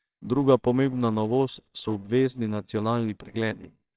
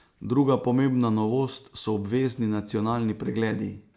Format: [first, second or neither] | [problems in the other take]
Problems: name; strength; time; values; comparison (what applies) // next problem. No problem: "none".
second | noise reduction (neural separator model SepFormer WHAMR!)